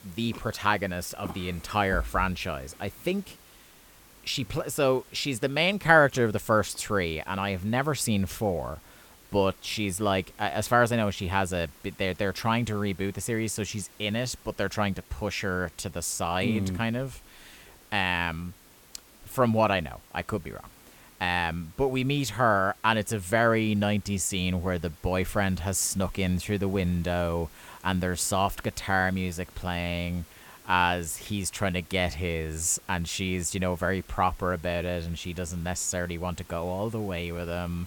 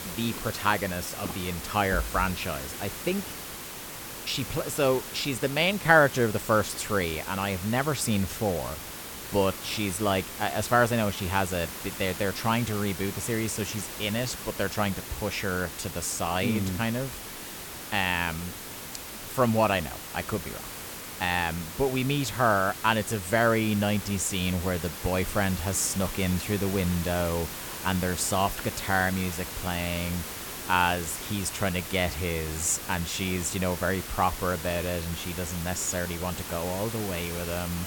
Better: first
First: hiss; faint; throughout; 25 dB below the speech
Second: hiss; loud; throughout; 8 dB below the speech

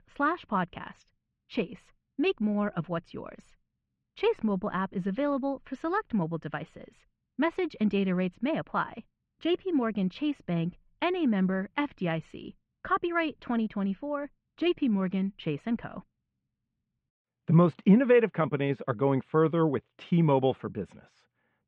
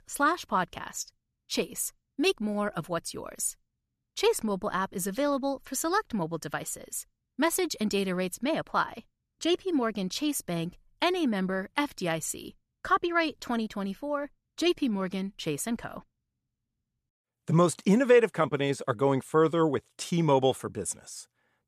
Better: second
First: muffled; very; fading above 3 kHz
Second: none

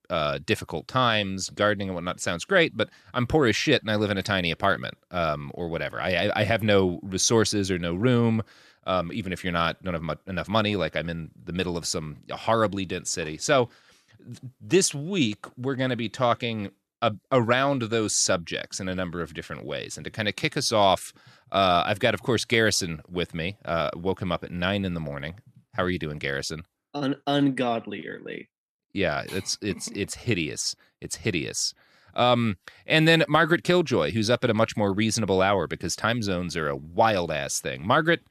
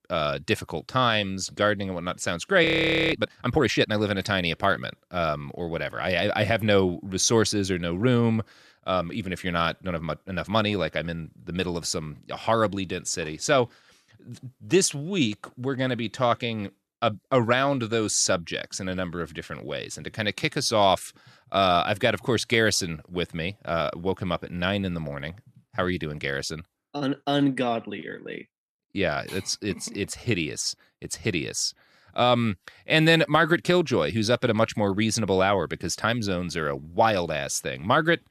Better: first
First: none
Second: audio freezing; at 2.5 s

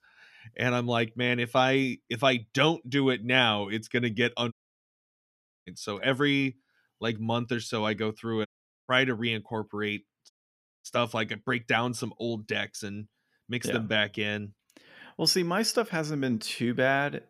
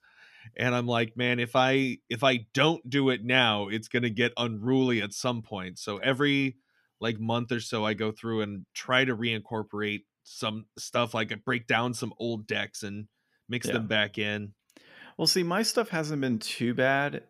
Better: second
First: audio cutting out; at 4.5 s for 1 s, at 8.5 s and at 10 s for 0.5 s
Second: none

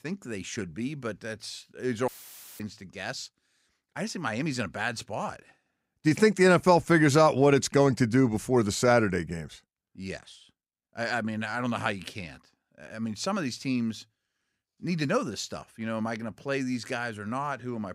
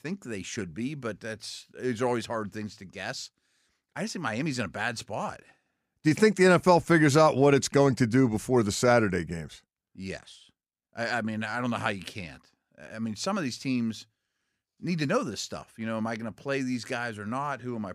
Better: second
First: audio cutting out; filled with static; at 2 s for 0.5 s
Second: none

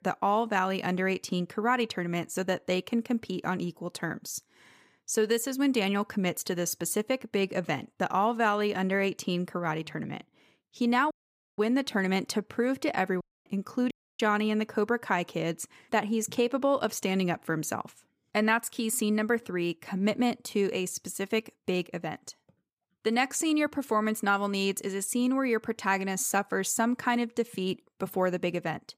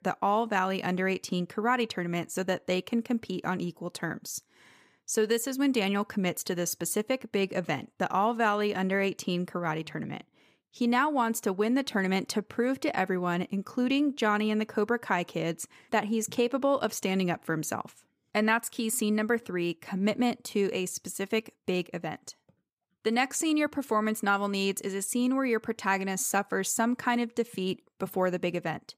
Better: second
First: audio cutting out; at 11 s, at 13 s and at 14 s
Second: none

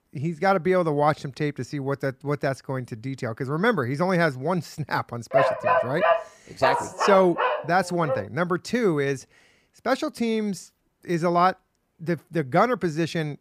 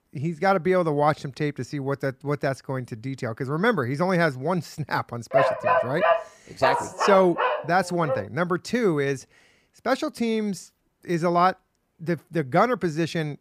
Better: neither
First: dog barking; loud; from 5.5 to 8 s; peak 4 dB above the speech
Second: dog barking; loud; from 5.5 to 8 s; peak 4 dB above the speech

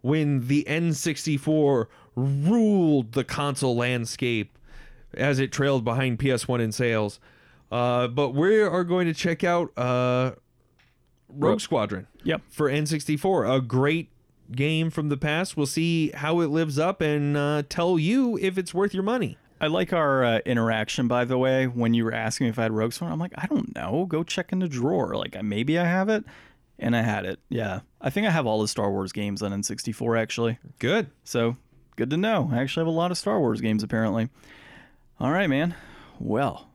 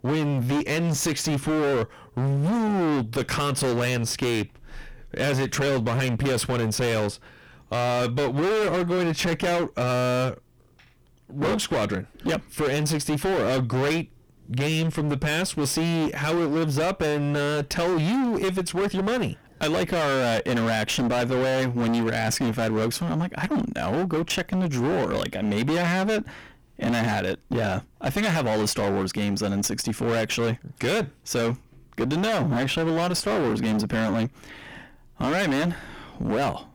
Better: first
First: none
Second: distortion; heavy; 33% of the sound clipped

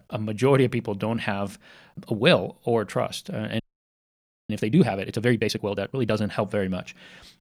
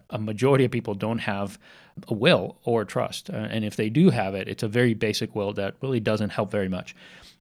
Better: second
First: audio freezing; at 3.5 s for 1 s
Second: none

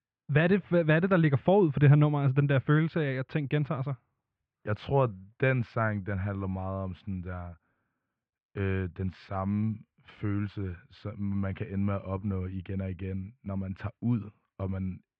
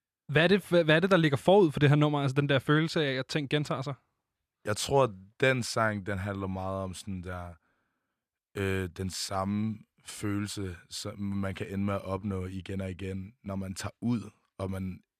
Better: second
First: muffled; very; fading above 2.5 kHz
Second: none

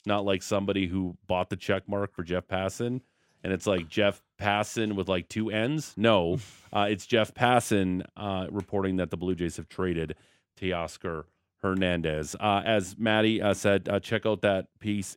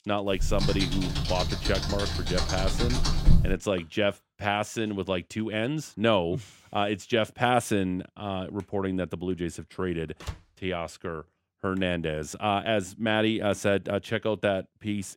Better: first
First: none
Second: keyboard typing; loud; until 3.5 s; peak 5 dB above the speech // door banging; faint; at 10 s; peak 10 dB below the speech

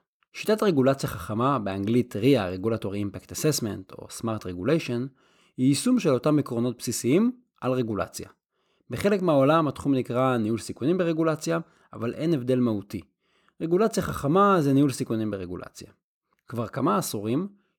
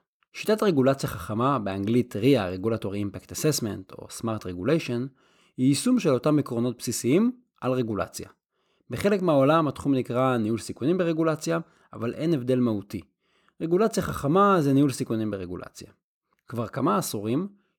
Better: neither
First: none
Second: none

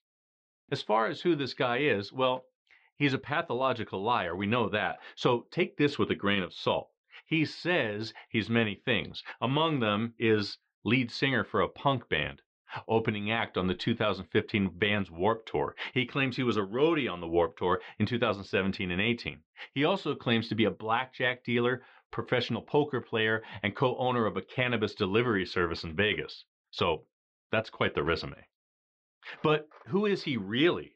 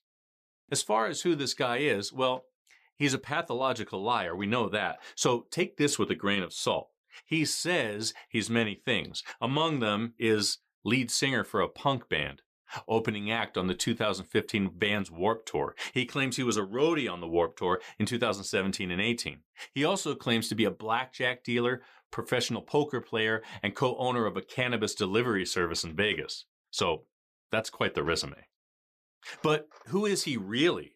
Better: second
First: muffled; slightly; fading above 3.5 kHz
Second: none

